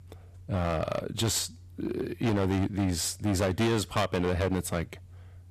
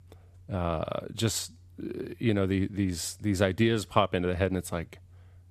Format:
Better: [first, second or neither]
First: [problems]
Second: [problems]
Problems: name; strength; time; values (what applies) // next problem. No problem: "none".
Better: second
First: distortion; heavy; 14% of the sound clipped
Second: none